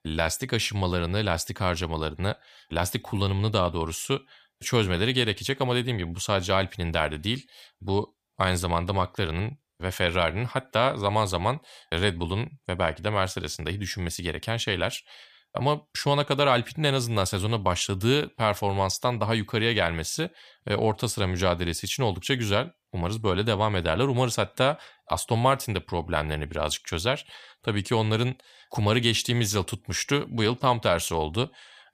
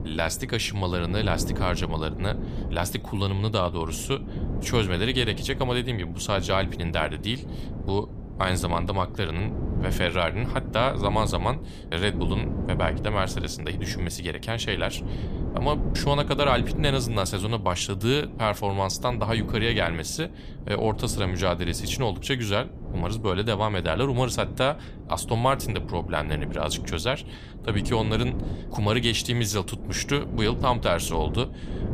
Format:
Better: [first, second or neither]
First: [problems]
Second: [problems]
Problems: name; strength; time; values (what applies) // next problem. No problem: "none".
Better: first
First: none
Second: wind noise on the microphone; occasional gusts; 15 dB below the speech